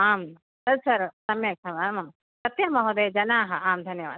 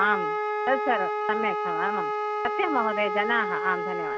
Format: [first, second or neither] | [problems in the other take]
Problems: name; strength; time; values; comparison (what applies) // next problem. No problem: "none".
first | background sound (Wind instrument, woodwind instrument); as loud as the speech